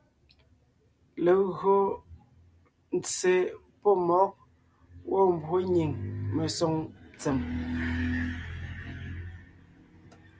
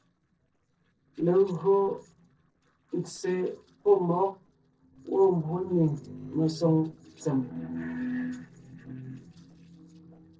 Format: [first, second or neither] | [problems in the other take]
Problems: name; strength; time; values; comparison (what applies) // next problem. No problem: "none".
first | noise reduction (neural separator model SepFormer DNS4)